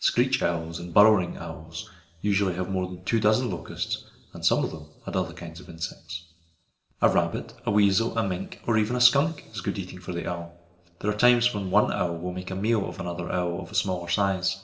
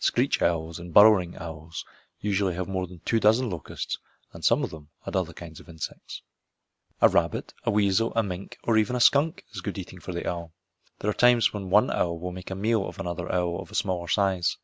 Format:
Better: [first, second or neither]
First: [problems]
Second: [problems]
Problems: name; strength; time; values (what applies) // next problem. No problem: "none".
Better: second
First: room echo; dies away in 1.9 s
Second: none